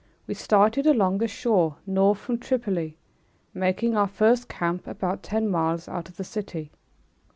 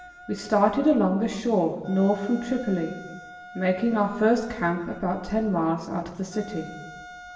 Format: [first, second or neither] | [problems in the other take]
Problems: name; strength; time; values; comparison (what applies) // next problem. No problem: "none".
first | background sound (Wind instrument, woodwind instrument); 19 dB below the speech // room echo; dies away in 1.1 s